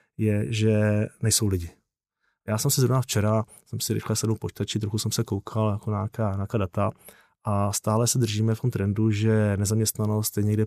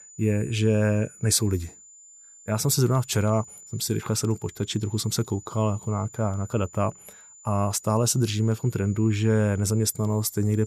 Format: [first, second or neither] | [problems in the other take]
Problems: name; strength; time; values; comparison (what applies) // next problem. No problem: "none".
first | high-pitched whine; faint; throughout; 7 kHz, 20 dB below the speech